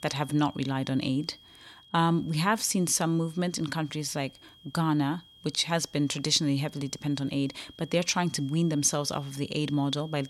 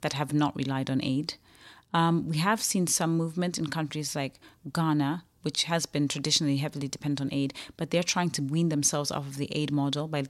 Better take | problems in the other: second | high-pitched whine; faint; throughout; 3.5 kHz, 25 dB below the speech

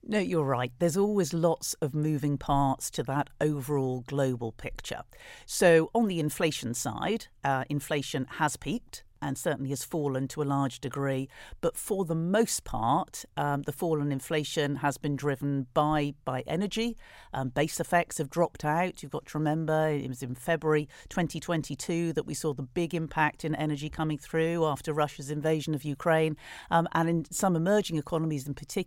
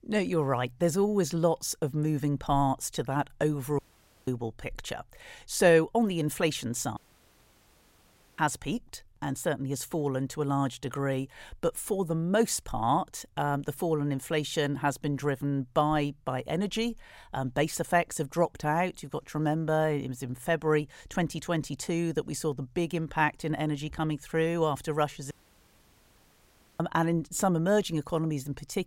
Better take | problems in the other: first | audio cutting out; at 4 s, at 7 s for 1.5 s and at 25 s for 1.5 s

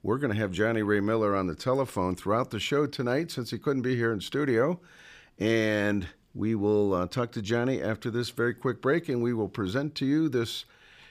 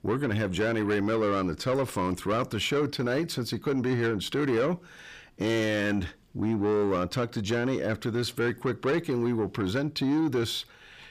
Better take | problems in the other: first | distortion; slight; 10 dB below the speech

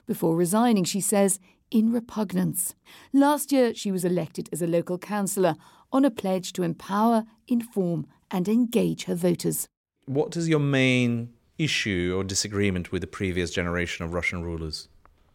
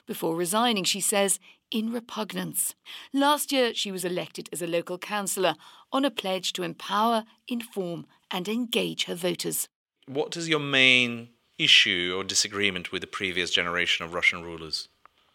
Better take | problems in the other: first | thin; very slightly; fading below 1 kHz

